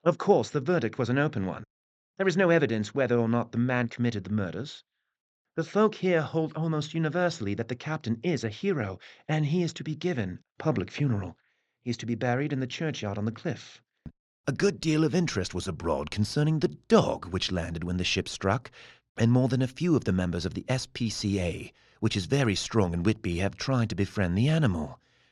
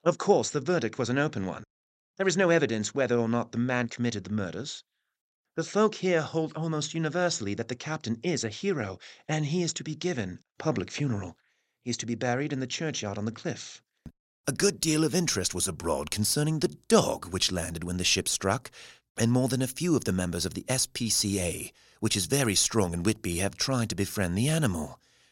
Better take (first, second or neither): second